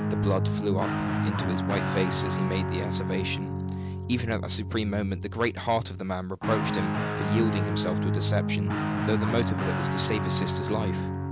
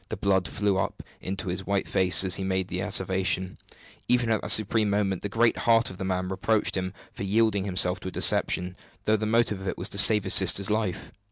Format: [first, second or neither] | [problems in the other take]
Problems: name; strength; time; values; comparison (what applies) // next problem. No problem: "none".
second | background sound (Guitar); 2 dB above the speech